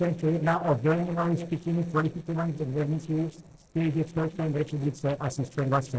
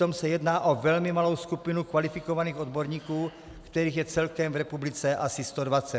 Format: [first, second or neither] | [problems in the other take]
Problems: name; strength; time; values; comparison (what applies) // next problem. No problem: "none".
second | noise reduction (neural separator model SepFormer DNS4)